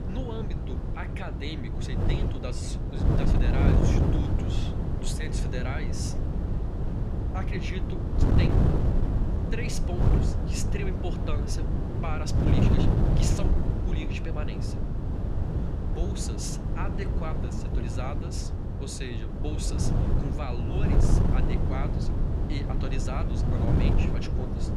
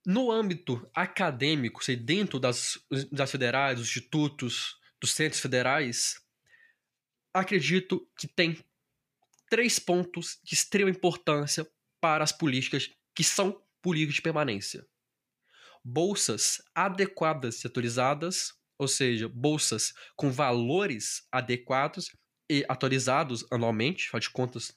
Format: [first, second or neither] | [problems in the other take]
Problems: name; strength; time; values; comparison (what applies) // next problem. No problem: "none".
second | wind noise on the microphone; heavy; 2 dB above the speech